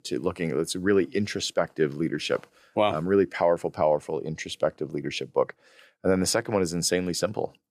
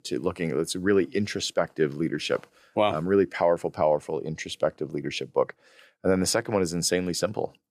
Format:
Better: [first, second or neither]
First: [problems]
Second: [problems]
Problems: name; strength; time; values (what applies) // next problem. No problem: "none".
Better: neither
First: none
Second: none